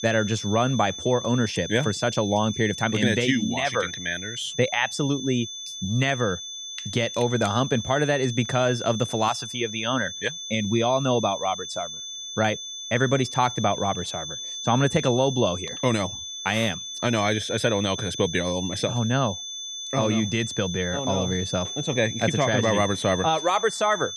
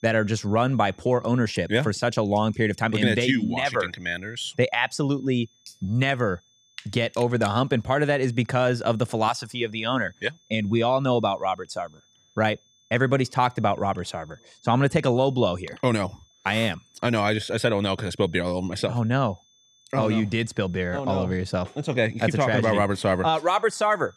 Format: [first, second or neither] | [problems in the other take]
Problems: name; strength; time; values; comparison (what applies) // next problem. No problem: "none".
second | high-pitched whine; loud; throughout; 3.5 kHz, 7 dB below the speech; faint in the second